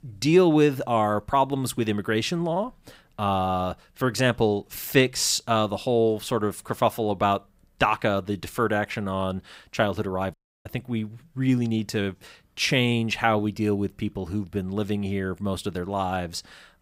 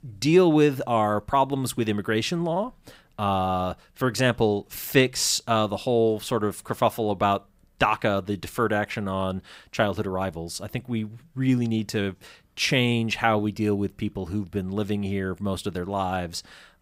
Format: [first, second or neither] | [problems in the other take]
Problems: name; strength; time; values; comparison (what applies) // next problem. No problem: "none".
second | audio cutting out; at 10 s